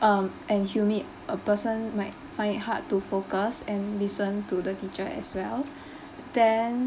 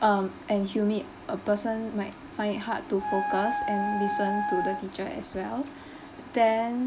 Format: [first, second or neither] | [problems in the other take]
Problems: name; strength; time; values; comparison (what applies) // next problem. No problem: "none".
first | background sound (Wind instrument, woodwind instrument); 3 dB below the speech